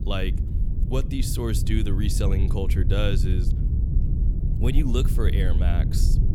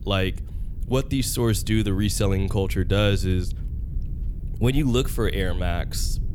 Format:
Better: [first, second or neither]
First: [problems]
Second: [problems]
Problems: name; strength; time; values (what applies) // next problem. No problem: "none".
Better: second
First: low rumble; loud; throughout; 7 dB below the speech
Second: low rumble; faint; throughout; 20 dB below the speech